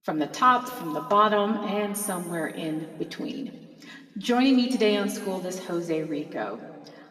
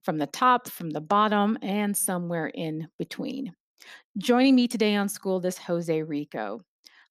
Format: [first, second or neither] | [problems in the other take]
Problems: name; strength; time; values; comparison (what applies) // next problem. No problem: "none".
second | room echo; slight; dies away in 2.1 s // off-mic speech; far